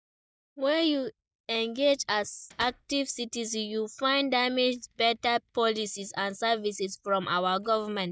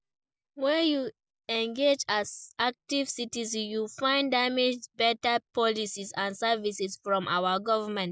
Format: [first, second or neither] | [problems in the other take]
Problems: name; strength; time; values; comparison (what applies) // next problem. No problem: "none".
second | noise reduction (neural mask model DeepFilterNet 3)